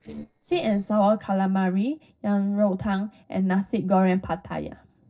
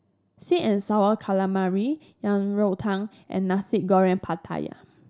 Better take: second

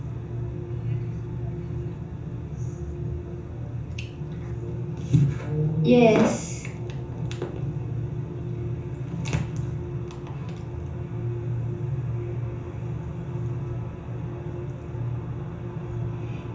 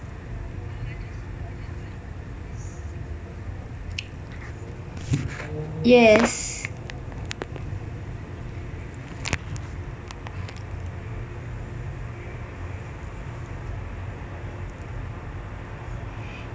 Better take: second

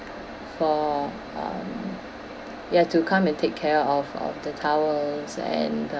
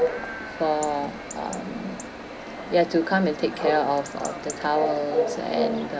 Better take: first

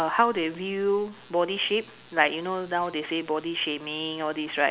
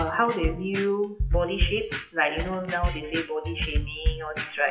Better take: first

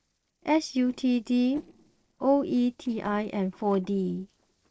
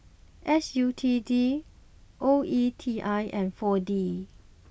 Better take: second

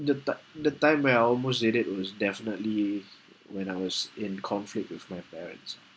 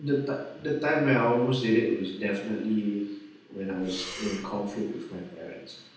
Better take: first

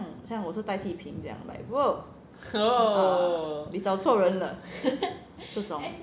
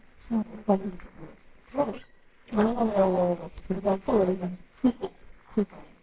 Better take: first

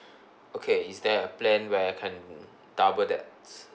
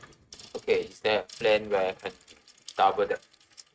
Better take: first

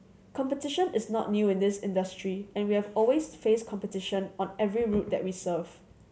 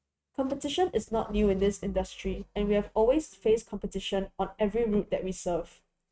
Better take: first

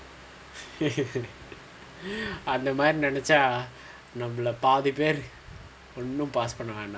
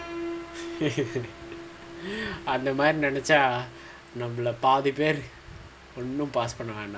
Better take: first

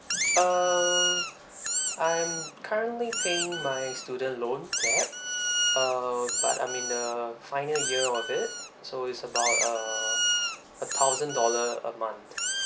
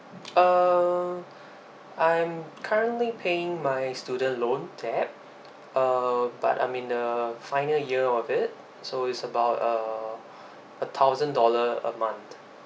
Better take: second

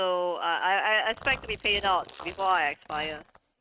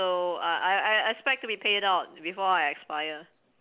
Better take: second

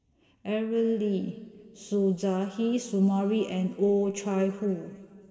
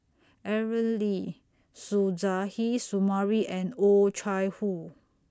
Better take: second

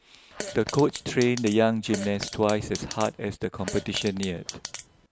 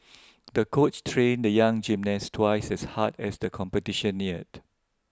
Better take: second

